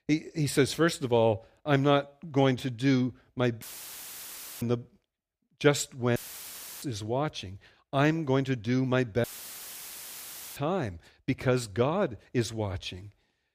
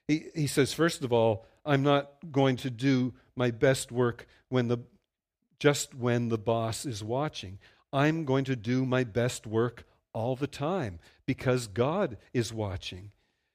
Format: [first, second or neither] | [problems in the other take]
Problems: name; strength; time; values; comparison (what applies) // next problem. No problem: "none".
second | audio cutting out; filled with static; at 3.5 s for 1 s, at 6 s for 0.5 s and at 9 s for 1.5 s